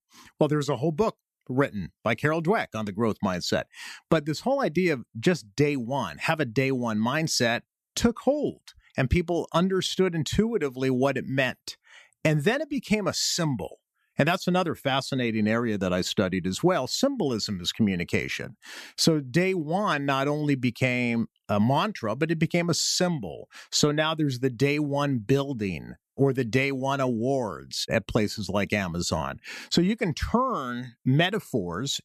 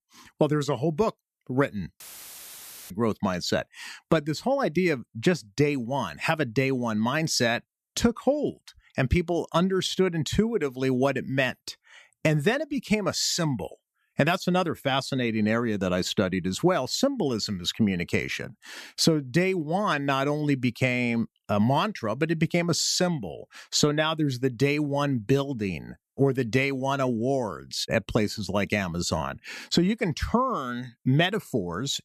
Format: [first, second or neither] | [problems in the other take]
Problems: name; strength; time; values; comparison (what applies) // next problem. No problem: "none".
first | audio cutting out; filled with static; at 2 s for 1 s